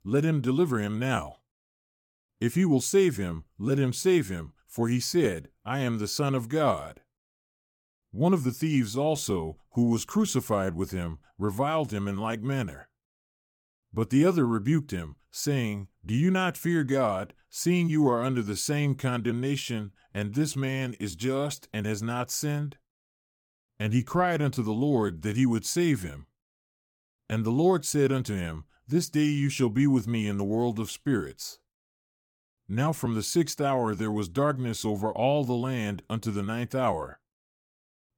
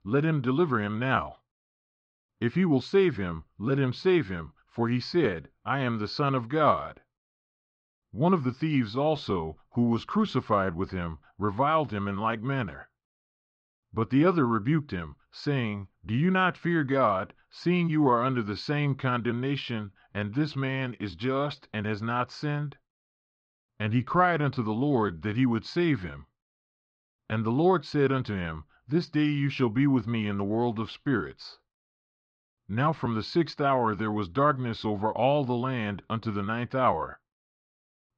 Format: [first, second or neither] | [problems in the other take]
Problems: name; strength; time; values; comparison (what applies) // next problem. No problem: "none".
first | muffled; slightly; fading above 4.5 kHz